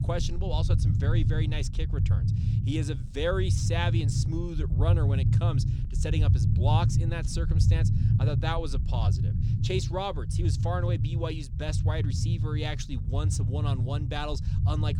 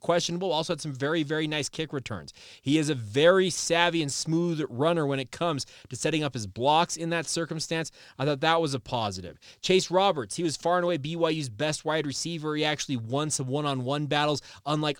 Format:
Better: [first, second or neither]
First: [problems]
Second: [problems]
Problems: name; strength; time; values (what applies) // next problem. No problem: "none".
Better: second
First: low rumble; loud; throughout; 5 dB below the speech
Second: none